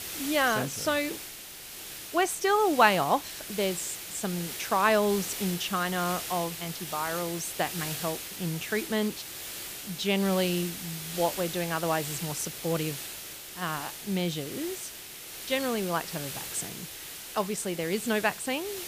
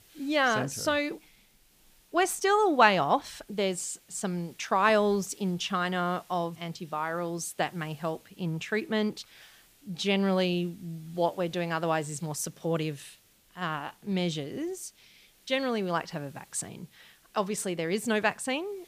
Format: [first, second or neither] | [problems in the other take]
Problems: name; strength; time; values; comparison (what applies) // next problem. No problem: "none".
second | hiss; loud; throughout; 7 dB below the speech; faint in the second